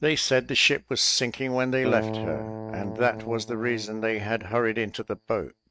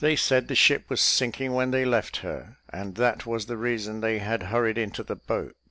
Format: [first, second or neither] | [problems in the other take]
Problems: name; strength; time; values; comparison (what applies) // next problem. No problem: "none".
second | noise reduction (neural mask model RNNoise)